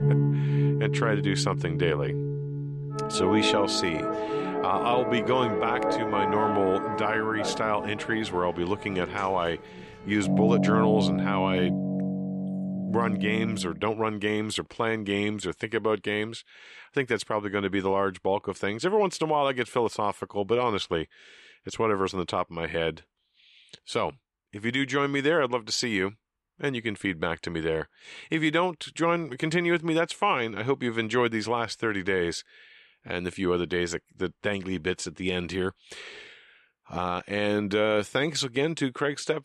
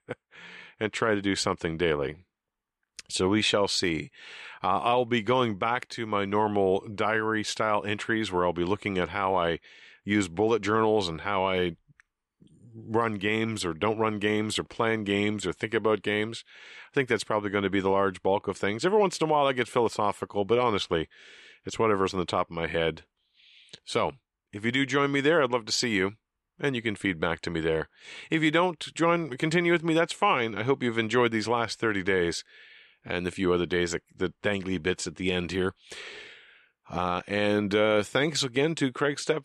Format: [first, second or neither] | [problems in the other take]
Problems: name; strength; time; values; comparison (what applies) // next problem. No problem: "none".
second | background music; loud; until 14 s; 1 dB below the speech